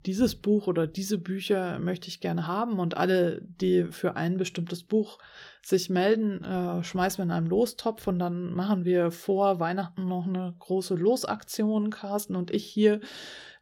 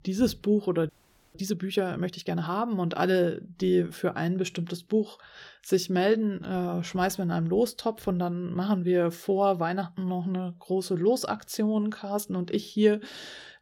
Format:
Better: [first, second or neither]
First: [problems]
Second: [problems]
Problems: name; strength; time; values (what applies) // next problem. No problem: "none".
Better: first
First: none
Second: audio freezing; at 1 s